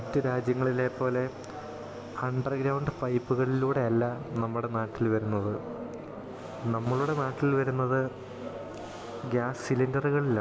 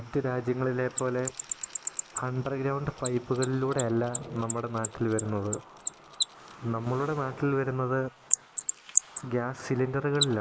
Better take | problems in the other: first | noise reduction (neural mask model Resemble Enhance denoiser)

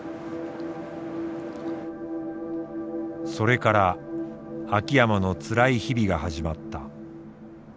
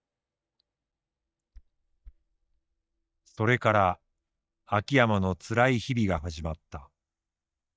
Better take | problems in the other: first | noise reduction (neural mask model DeepFilterNet 3)

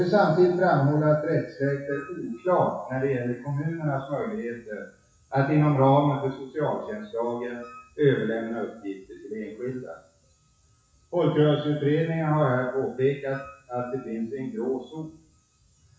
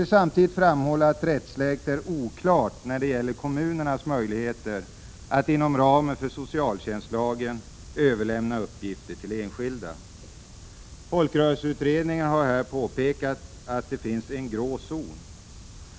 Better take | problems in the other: second | noise reduction (classical method WPE with log-MMSE)

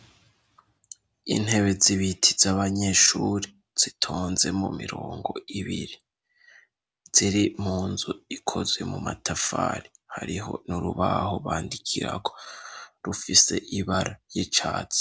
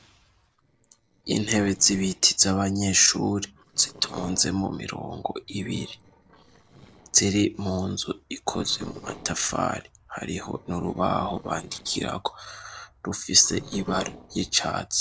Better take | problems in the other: first | noise reduction (neural separator model SepFormer DNS4)

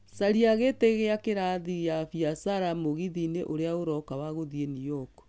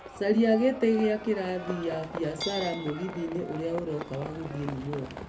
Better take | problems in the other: first | background sound (Livestock, farm animals, working animals); 11 dB below the speech // room echo; dies away in 0.3 s

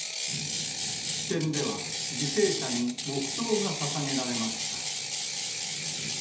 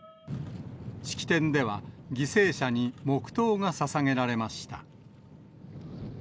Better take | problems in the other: second | background sound (Ratchet, pawl); as loud as the speech // room echo; dies away in 1.2 s

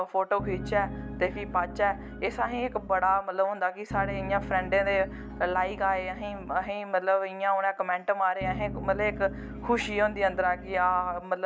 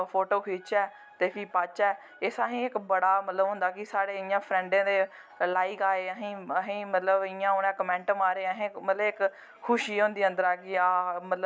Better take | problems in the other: second | background sound (Piano); 10 dB below the speech

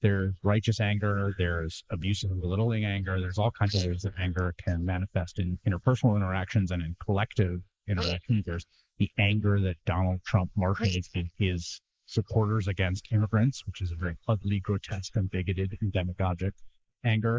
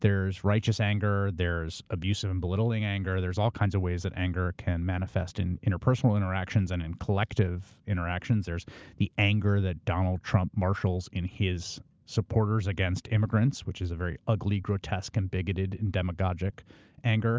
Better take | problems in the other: second | noise reduction (neural mask model Resemble Enhance denoiser)

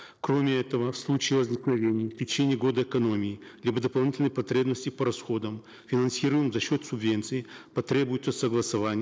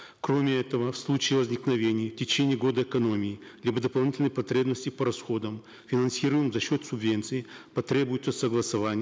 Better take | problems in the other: second | noise reduction (neural separator model SepFormer DNS4)

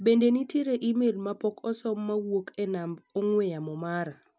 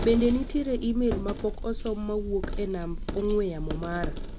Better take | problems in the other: first | background sound (Coin (dropping)); 4 dB below the speech

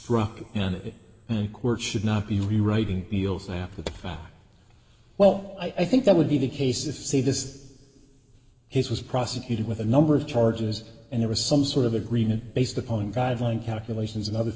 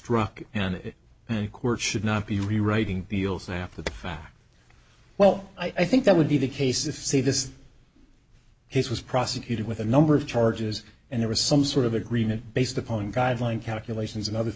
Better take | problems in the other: second | room echo; dies away in 1.5 s

